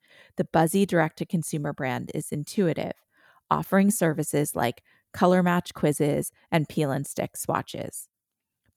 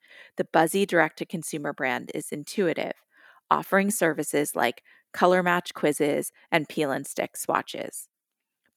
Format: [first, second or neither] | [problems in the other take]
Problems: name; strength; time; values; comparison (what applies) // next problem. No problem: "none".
first | thin; very slightly; fading below 300 Hz